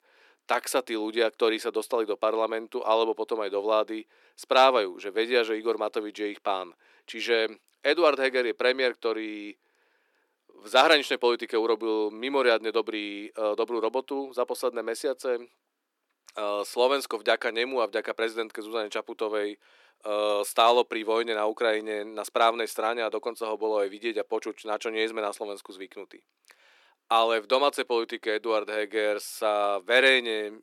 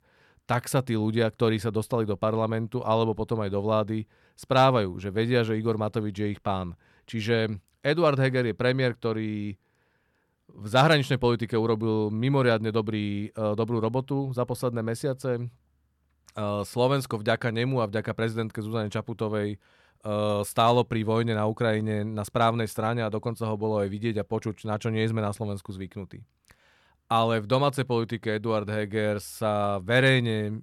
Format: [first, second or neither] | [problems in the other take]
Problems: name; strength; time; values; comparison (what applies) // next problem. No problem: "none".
second | thin; very; fading below 300 Hz